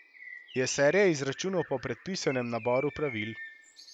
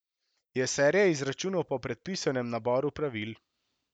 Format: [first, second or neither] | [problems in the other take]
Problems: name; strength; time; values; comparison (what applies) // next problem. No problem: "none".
second | background sound (Bird); 15 dB below the speech